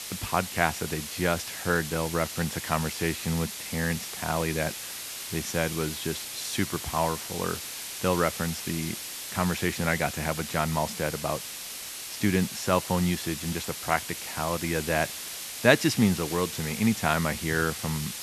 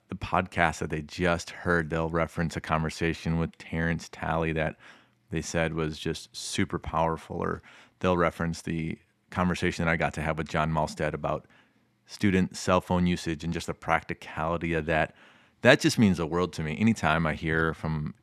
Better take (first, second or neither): second